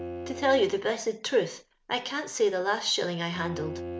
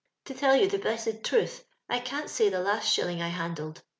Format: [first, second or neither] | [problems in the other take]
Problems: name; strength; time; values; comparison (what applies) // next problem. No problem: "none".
second | background sound (Bowed string instrument); 13 dB below the speech